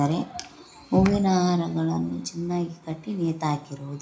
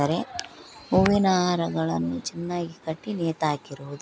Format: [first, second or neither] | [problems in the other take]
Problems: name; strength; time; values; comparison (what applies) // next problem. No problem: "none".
second | room echo; dies away in 0.4 s